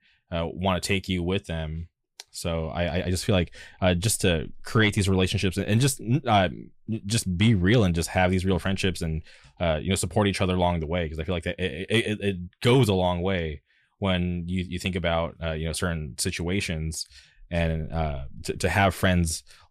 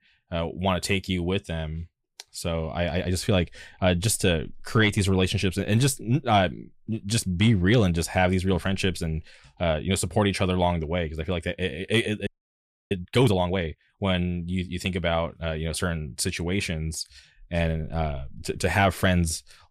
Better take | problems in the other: first | audio freezing; at 12 s for 0.5 s

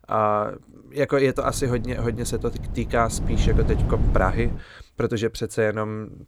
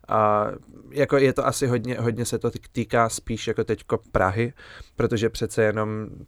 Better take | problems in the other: second | wind noise on the microphone; occasional gusts; from 1.5 to 4.5 s; 15 dB below the speech

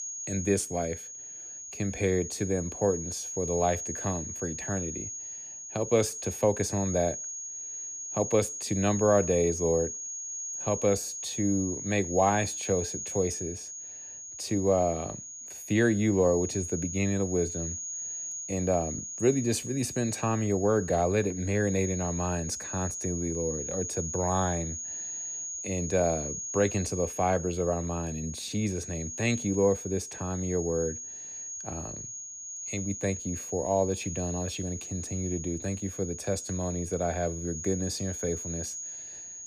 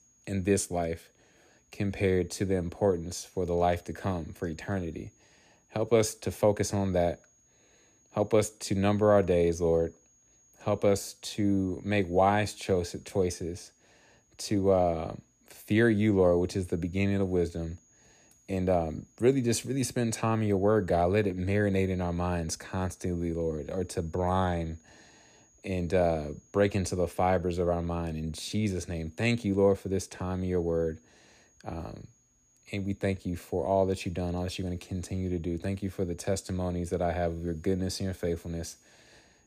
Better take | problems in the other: second | high-pitched whine; loud; throughout; 6.5 kHz, 6 dB below the speech; faint in the second

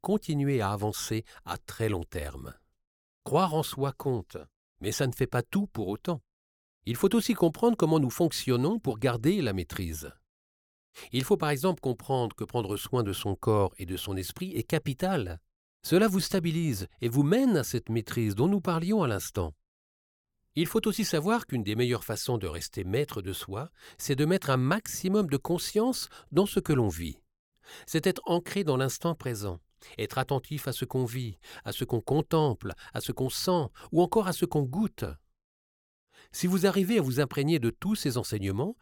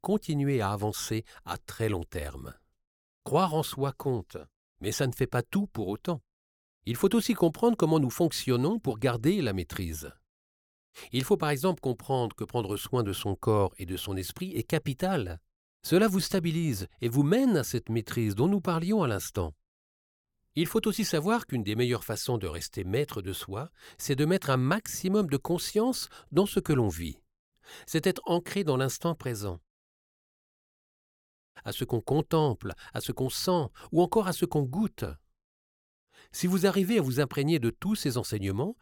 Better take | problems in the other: first | audio cutting out; at 30 s for 2 s

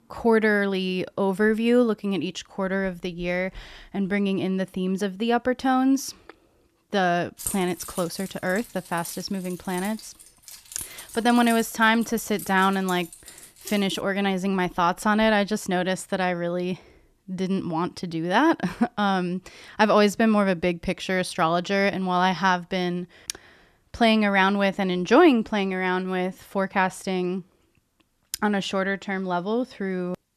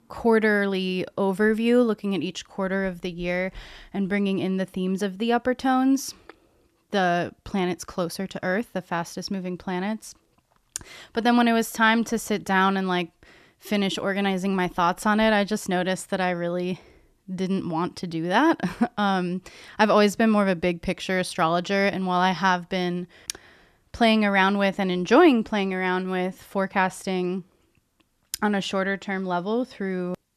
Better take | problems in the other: second | jangling keys; noticeable; from 7.5 to 14 s; peak 7 dB below the speech

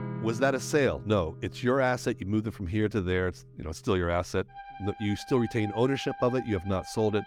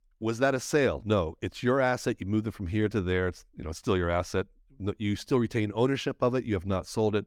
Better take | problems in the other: second | background music; noticeable; throughout; 15 dB below the speech

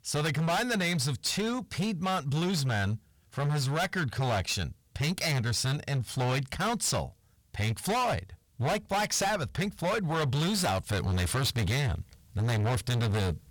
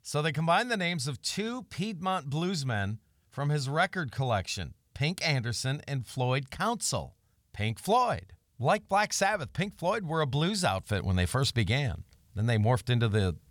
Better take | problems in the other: second | distortion; heavy; 26% of the sound clipped

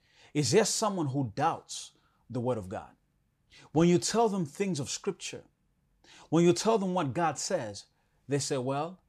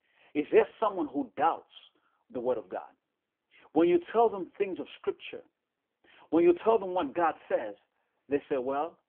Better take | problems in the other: first | phone-call audio; poor line; nothing above 3.5 kHz

